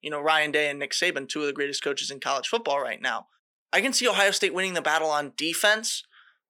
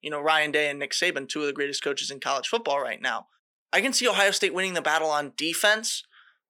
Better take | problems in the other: neither | thin; somewhat; fading below 300 Hz; the same in both

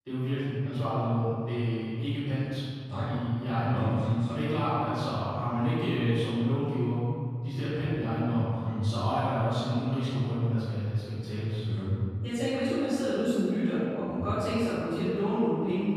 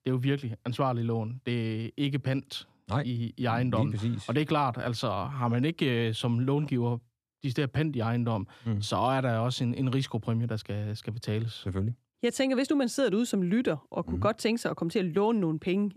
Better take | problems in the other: second | off-mic speech; far // room echo; strong; dies away in 2.1 s

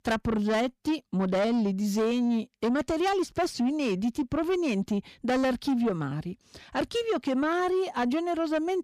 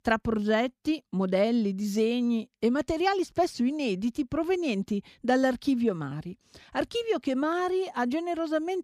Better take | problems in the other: second | distortion; slight; 10 dB below the speech

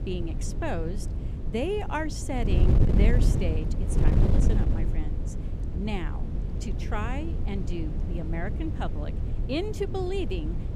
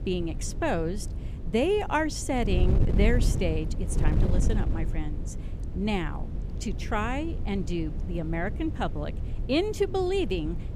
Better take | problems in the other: second | wind noise on the microphone; heavy; 5 dB below the speech; occasional gusts in the second

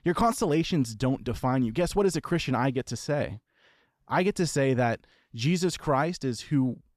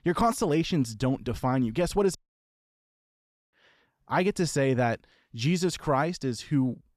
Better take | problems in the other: first | audio cutting out; at 2 s for 1.5 s

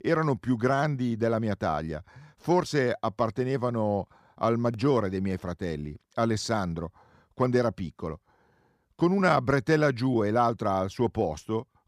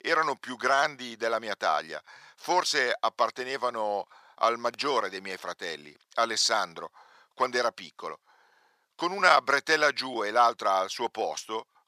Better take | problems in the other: first | thin; very; fading below 800 Hz

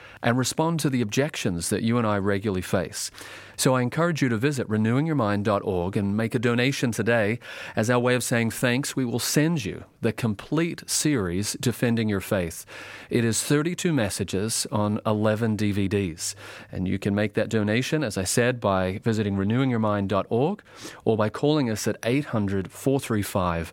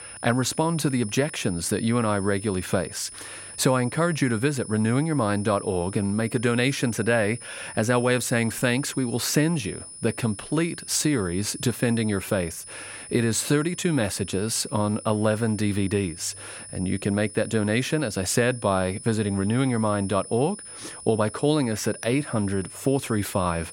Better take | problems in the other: first | high-pitched whine; noticeable; throughout; 9.5 kHz, 15 dB below the speech

